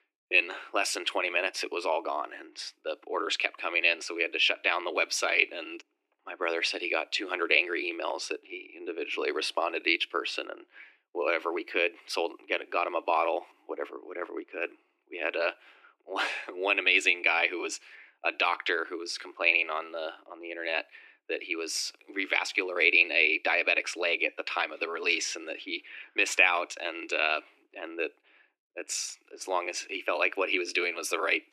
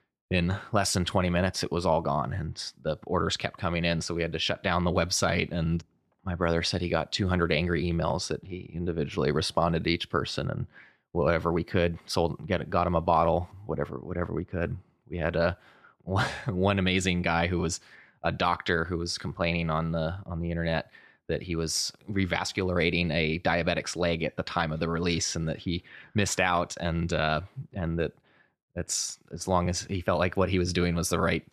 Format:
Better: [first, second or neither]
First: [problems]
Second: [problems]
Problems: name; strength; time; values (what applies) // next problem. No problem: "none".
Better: second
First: thin; very; fading below 300 Hz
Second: none